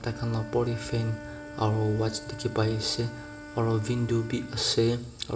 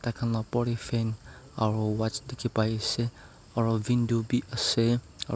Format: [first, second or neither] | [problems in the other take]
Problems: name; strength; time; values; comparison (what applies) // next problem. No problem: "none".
second | background sound (Wind instrument, woodwind instrument); 15 dB below the speech // room echo; dies away in 2.6 s